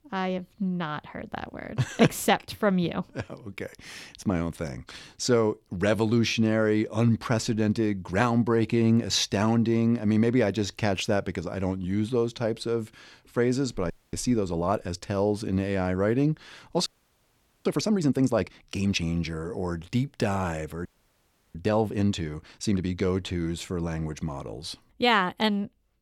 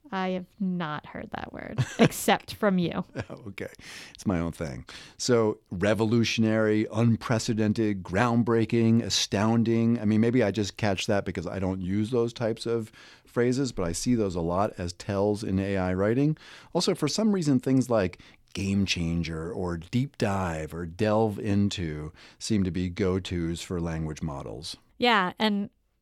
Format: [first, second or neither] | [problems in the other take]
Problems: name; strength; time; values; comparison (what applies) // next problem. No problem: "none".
second | audio freezing; at 14 s, at 17 s for 1 s and at 21 s for 0.5 s